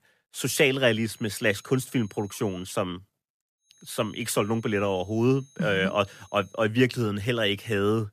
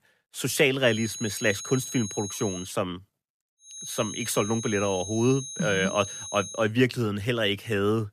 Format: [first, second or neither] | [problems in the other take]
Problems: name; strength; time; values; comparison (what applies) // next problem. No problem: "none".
first | high-pitched whine; loud; from 1 to 2.5 s and from 3.5 to 6.5 s; 6.5 kHz, 9 dB below the speech; faint in the first